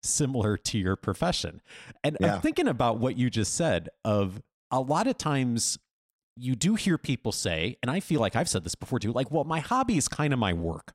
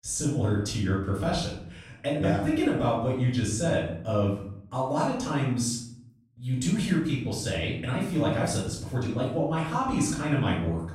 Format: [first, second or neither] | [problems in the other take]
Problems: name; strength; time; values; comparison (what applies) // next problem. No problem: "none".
first | off-mic speech; far // room echo; noticeable; dies away in 0.6 s